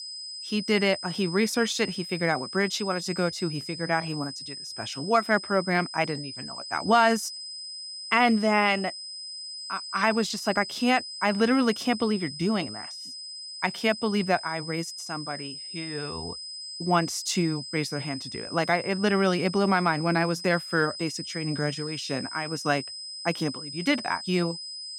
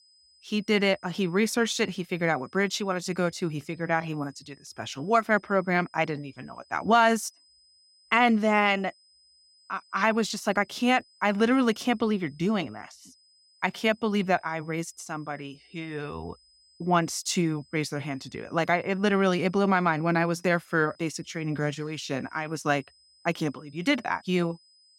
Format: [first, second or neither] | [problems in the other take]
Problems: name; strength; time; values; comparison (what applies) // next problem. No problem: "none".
second | high-pitched whine; loud; throughout; 5 kHz, 9 dB below the speech; faint in the second